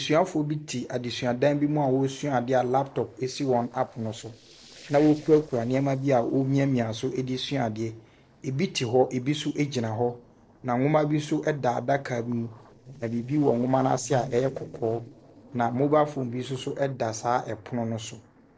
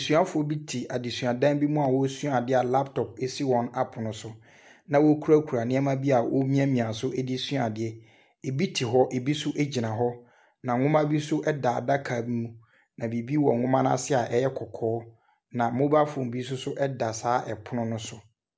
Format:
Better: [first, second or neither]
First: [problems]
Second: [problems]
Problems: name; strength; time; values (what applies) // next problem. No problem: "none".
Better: second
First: noise reduction (neural separator model SepFormer DNS4)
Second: none